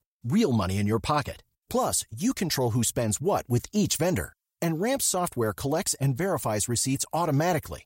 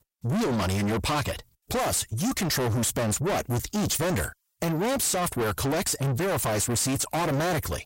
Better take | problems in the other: first | distortion; heavy; 5 dB below the speech

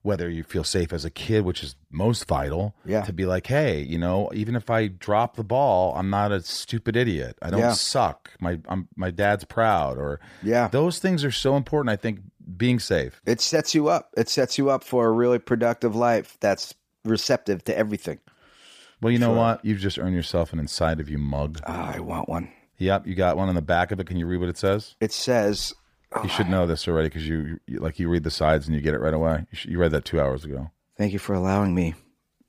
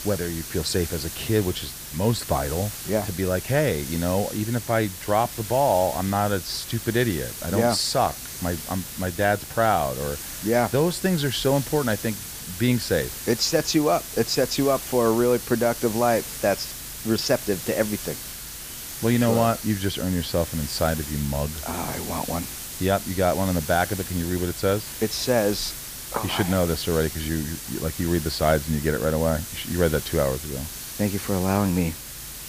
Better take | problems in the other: first | hiss; loud; throughout; 8 dB below the speech

